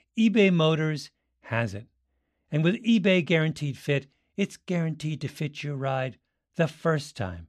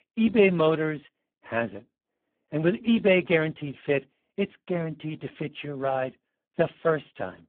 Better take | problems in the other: first | phone-call audio; poor line

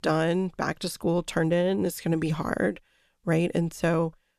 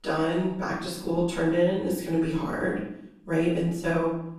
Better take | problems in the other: first | off-mic speech; far // room echo; noticeable; dies away in 0.6 s

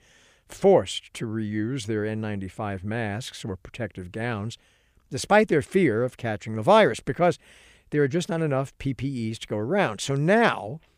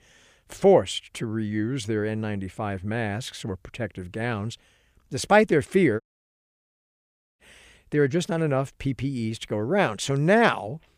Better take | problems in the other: first | audio cutting out; at 6 s for 1.5 s

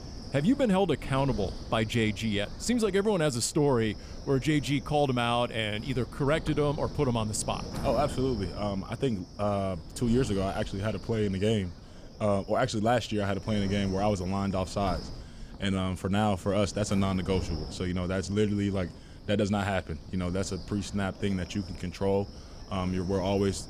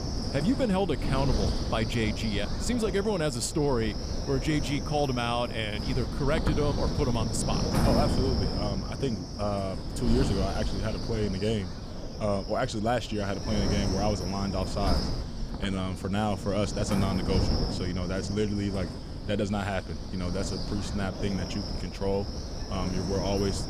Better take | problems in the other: first | wind noise on the microphone; heavy; 5 dB below the speech; occasional gusts in the first

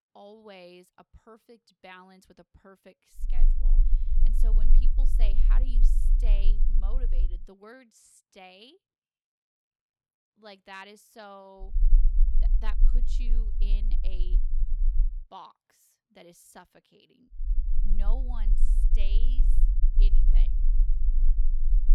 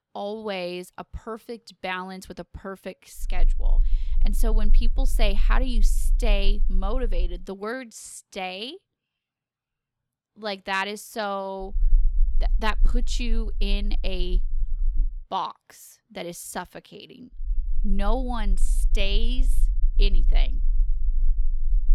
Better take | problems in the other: second | low rumble; loud; from 3.5 to 7.5 s, from 12 to 15 s and from 17 s on; 7 dB below the speech; faint in the second

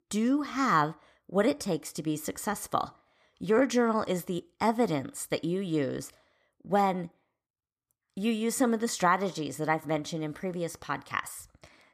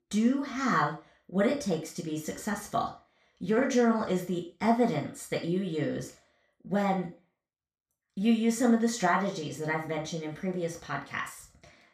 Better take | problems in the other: first | room echo; slight; dies away in 0.3 s // off-mic speech; far

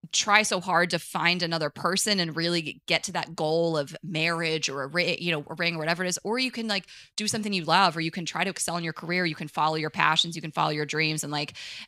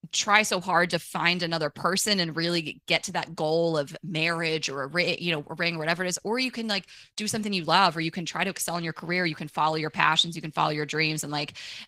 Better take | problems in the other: first | garbled, watery; slightly; nothing above 15.5 kHz

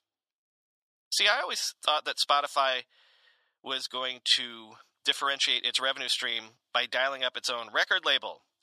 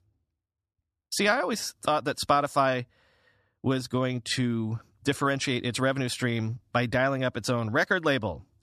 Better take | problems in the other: second | thin; very; fading below 800 Hz

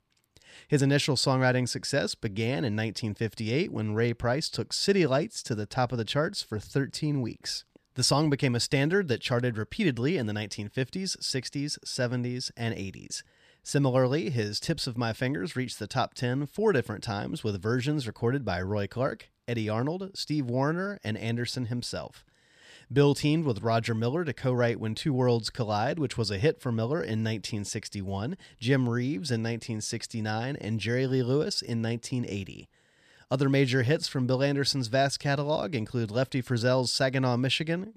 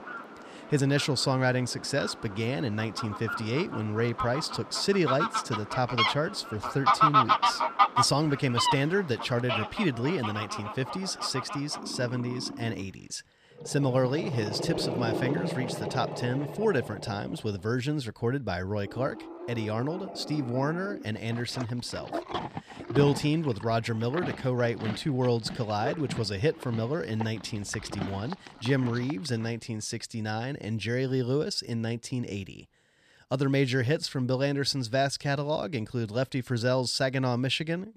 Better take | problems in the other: first | animal sounds; loud; until 29 s; 3 dB below the speech

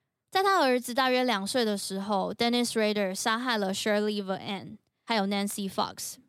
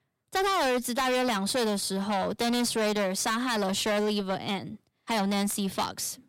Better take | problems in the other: first | distortion; heavy; 19% of the sound clipped

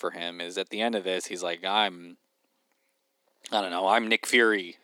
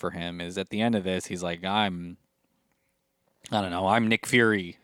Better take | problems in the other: second | thin; somewhat; fading below 300 Hz

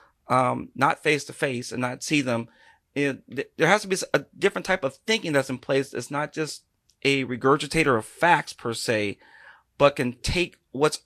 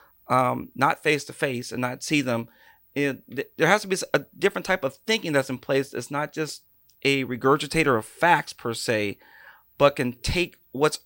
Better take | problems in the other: second | garbled, watery; slightly; nothing above 12.5 kHz

